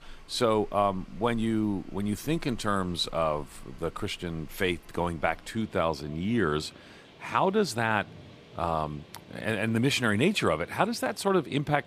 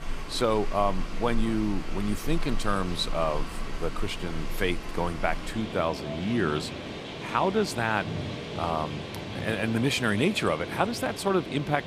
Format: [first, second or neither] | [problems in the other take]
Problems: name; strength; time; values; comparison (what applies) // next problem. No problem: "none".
first | rain or running water; loud; throughout; 8 dB below the speech; faint in the first